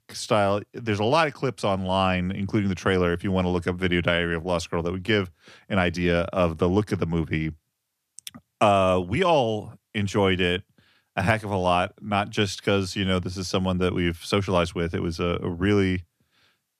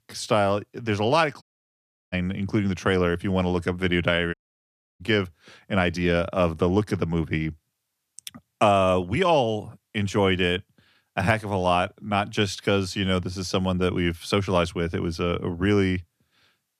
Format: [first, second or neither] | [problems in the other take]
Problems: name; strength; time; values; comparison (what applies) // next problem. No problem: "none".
first | audio cutting out; at 1.5 s for 0.5 s and at 4.5 s for 0.5 s